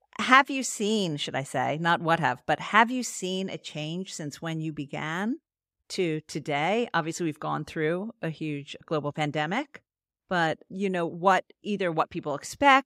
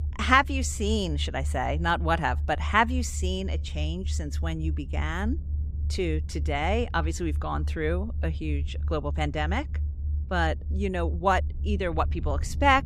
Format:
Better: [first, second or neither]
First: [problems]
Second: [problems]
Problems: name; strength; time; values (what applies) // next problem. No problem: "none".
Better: first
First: none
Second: low rumble; faint; throughout; 20 dB below the speech